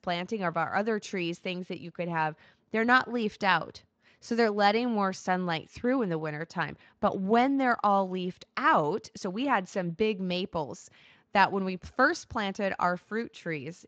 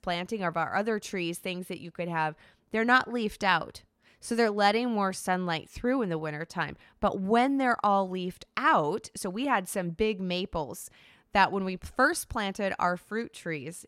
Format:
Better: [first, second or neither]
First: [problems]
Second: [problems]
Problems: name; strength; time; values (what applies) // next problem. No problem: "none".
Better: second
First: garbled, watery; slightly; nothing above 7.5 kHz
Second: none